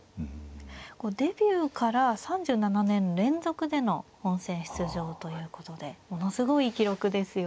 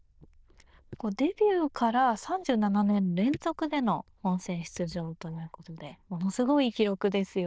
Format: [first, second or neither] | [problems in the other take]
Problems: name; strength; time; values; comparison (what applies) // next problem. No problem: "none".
first | noise reduction (neural diffusion model UNIVERSE++)